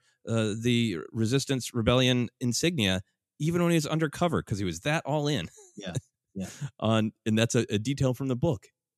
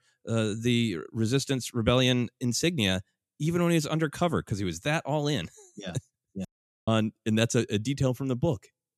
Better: first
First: none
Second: audio cutting out; at 6.5 s

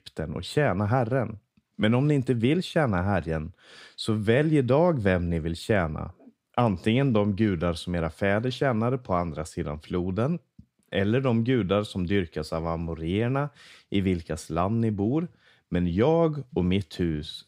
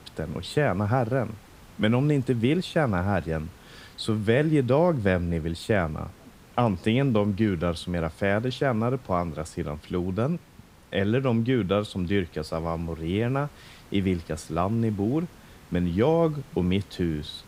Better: first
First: none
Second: hiss; faint; throughout; 25 dB below the speech

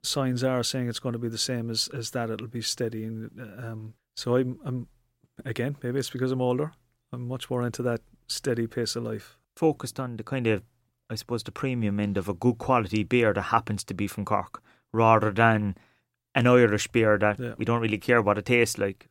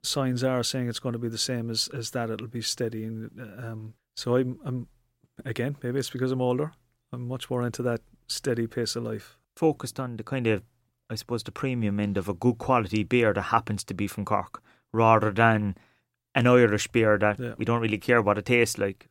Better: neither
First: none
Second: none

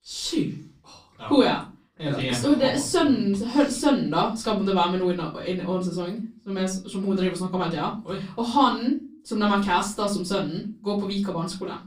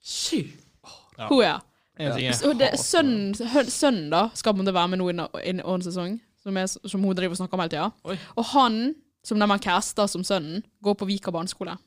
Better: second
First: off-mic speech; far // room echo; very slight; dies away in 0.3 s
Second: none

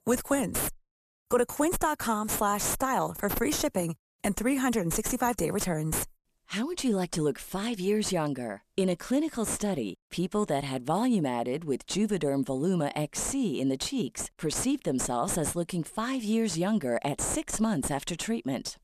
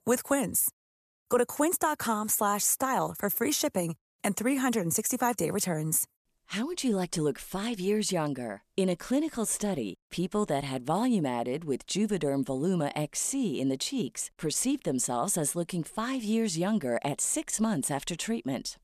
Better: second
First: distortion; slight; 6 dB below the speech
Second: none

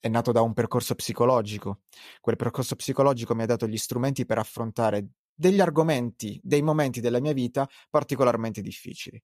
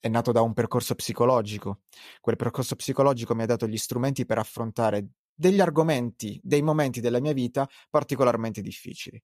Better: neither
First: none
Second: none

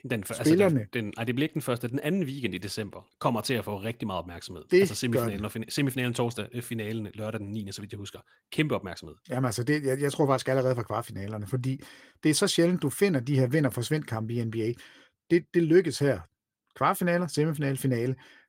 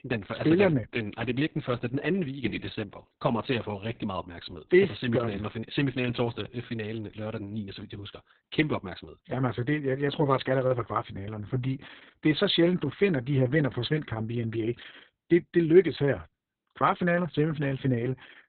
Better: first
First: garbled, watery; slightly; nothing above 16 kHz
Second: garbled, watery; badly; nothing above 4 kHz

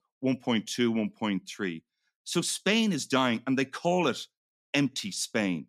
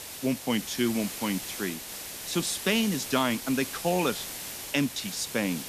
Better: first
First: none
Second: hiss; loud; throughout; 7 dB below the speech

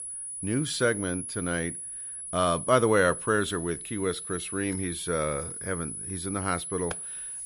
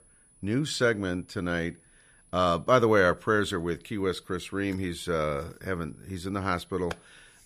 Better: second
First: high-pitched whine; loud; throughout; 10 kHz, 6 dB below the speech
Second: high-pitched whine; faint; throughout; 10 kHz, 30 dB below the speech

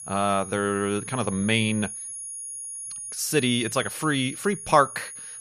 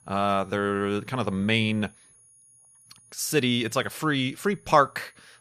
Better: second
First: high-pitched whine; loud; throughout; 10.5 kHz, 10 dB below the speech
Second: high-pitched whine; faint; throughout; 10.5 kHz, 30 dB below the speech

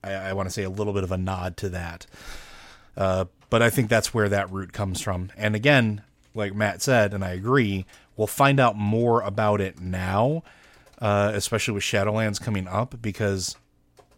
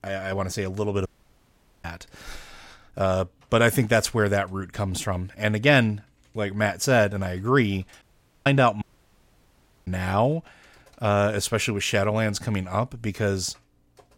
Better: first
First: none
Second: audio cutting out; at 1 s for 1 s, at 8 s and at 9 s for 1 s

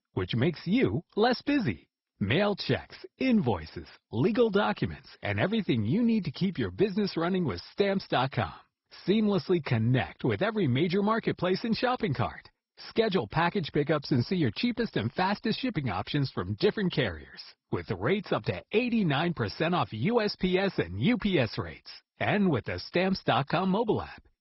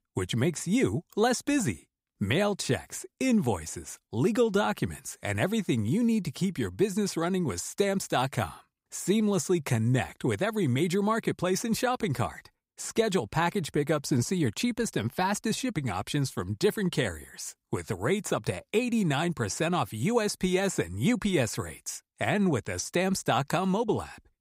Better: second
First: garbled, watery; badly; nothing above 5.5 kHz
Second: none

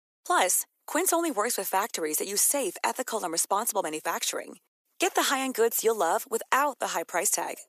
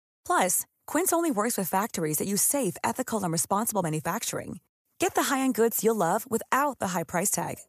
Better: second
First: thin; somewhat; fading below 300 Hz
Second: none

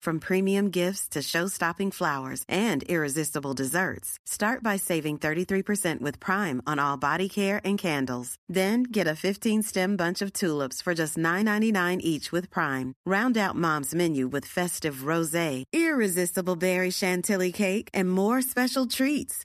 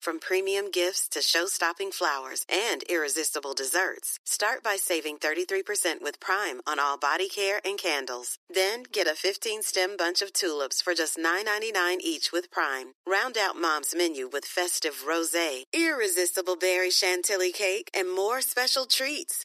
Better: first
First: none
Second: thin; very; fading below 350 Hz

